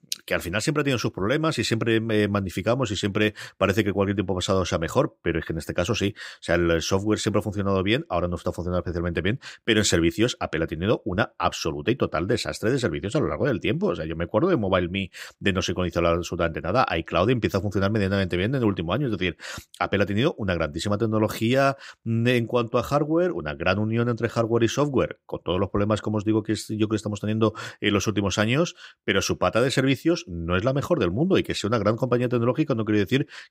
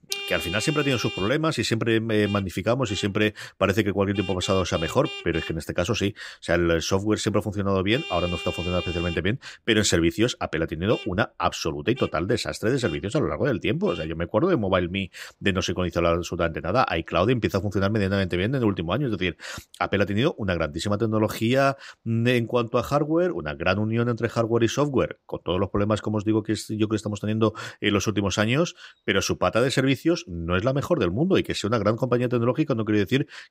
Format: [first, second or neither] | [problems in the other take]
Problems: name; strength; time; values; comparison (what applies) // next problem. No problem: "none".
first | traffic noise; noticeable; throughout; 10 dB below the speech